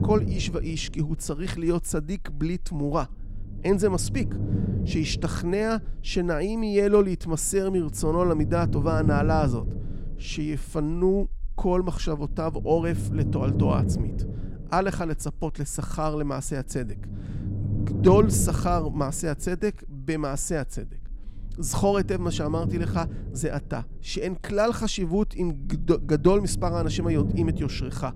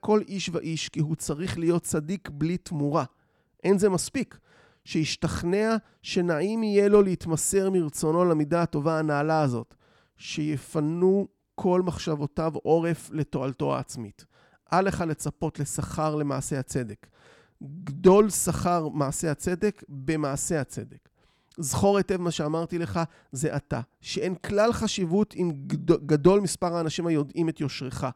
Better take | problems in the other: second | low rumble; noticeable; throughout; 10 dB below the speech

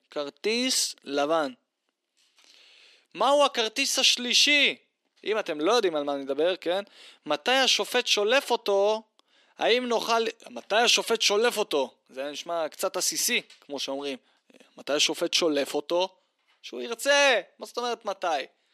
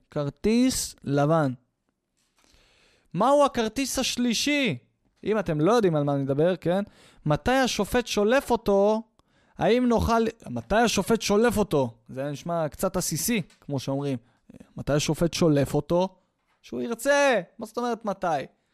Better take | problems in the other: second | thin; somewhat; fading below 300 Hz

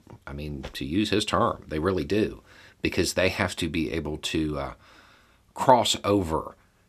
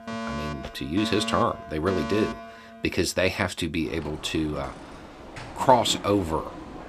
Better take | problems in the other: first | alarms or sirens; noticeable; throughout; 10 dB below the speech

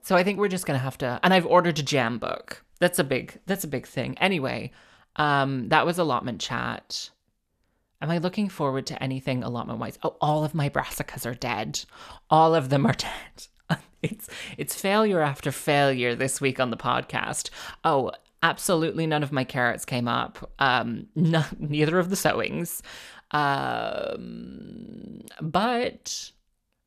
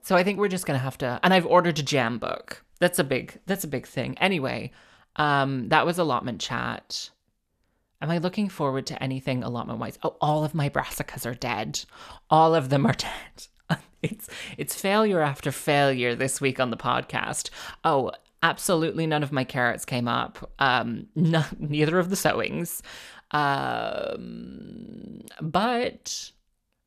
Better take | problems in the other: neither | none

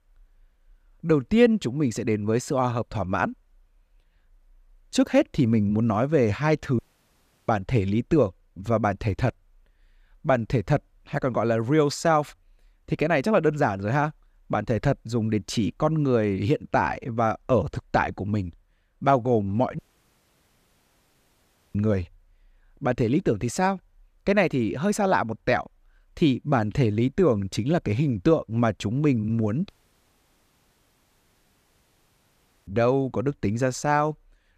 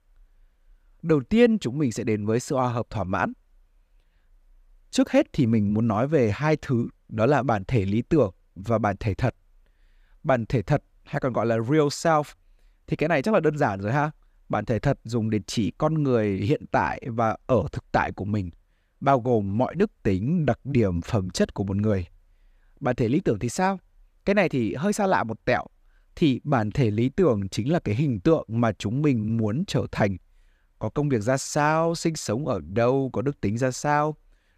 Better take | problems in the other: second | audio cutting out; at 7 s for 0.5 s, at 20 s for 2 s and at 30 s for 3 s

